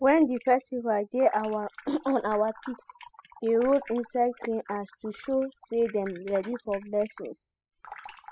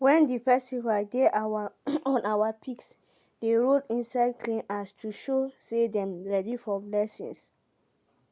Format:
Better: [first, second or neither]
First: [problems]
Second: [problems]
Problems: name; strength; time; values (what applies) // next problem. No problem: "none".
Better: second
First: noise reduction (classical method spectral subtraction)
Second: none